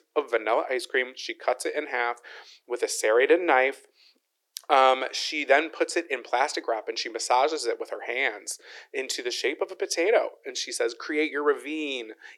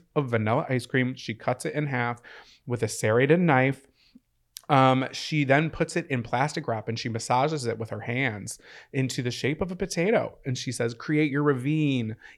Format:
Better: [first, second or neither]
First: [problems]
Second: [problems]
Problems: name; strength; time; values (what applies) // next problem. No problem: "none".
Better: second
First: thin; very; fading below 350 Hz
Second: none